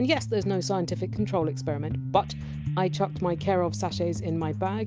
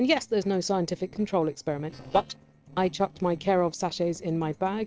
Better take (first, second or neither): first